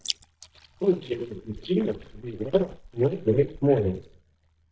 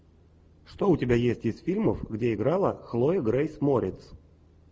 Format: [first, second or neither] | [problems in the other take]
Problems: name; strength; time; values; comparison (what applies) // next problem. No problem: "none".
second | noise reduction (neural mask model DeepFilterNet 3)